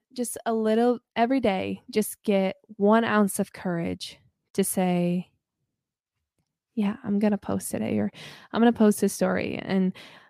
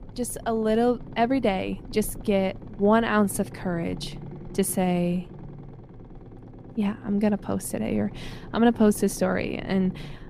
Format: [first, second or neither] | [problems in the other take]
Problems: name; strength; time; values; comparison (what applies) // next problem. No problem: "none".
first | low rumble; faint; throughout; 20 dB below the speech